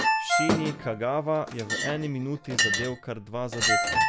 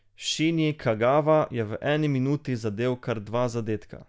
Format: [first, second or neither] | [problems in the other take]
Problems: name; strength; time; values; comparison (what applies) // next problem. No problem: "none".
second | background sound (Chink, clink + Ringtone); 3 dB above the speech